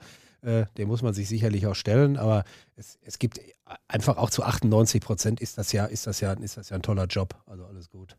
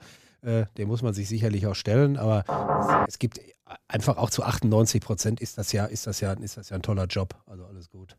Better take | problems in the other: first | door banging; loud; at 2.5 s; peak 4 dB above the speech

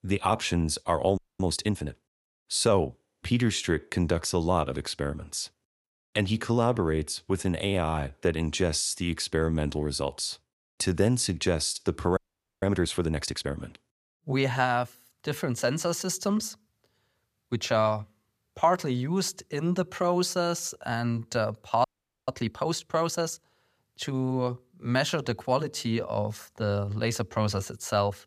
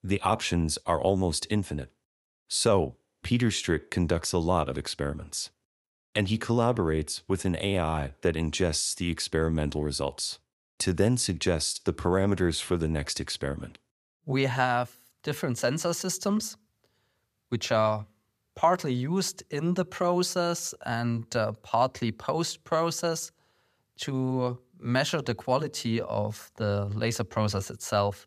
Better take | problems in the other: second | audio freezing; at 1 s, at 12 s and at 22 s

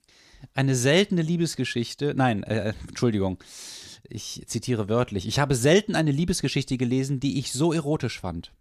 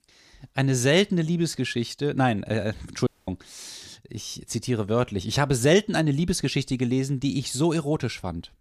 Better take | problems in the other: first | audio cutting out; at 3 s

